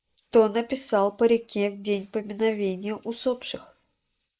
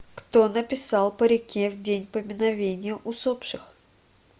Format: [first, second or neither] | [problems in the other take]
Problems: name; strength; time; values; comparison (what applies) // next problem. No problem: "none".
second | noise reduction (neural mask model Resemble Enhance denoiser)